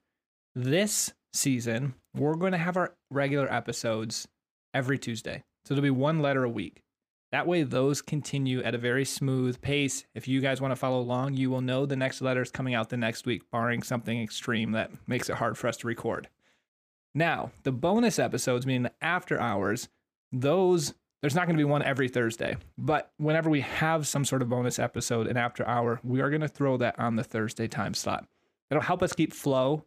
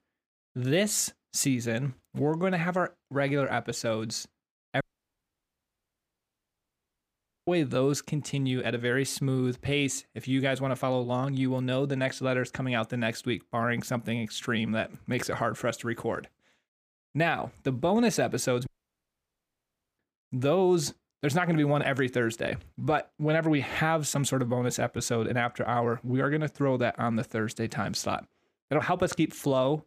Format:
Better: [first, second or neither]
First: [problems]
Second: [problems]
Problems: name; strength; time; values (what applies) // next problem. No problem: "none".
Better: first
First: none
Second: audio cutting out; at 5 s for 2.5 s and at 19 s for 1.5 s